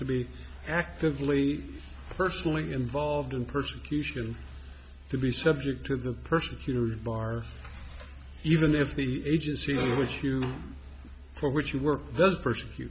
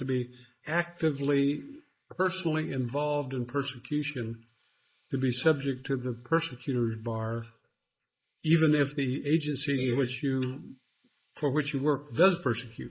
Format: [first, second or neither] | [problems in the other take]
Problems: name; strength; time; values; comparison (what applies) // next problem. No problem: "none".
first | noise reduction (neural mask model Resemble Enhance denoiser)